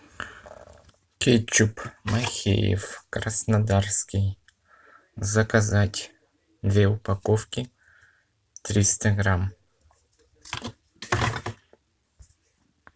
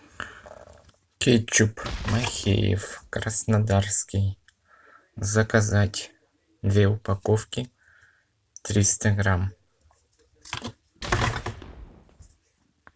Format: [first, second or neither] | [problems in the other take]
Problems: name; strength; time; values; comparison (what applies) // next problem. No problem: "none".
first | background sound (Boom); 12 dB below the speech